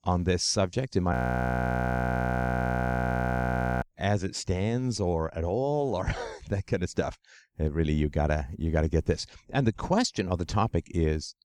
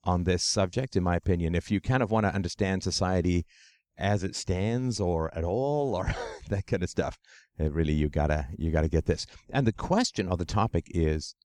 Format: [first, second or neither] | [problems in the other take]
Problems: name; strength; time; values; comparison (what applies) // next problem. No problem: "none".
second | audio freezing; at 1 s for 2.5 s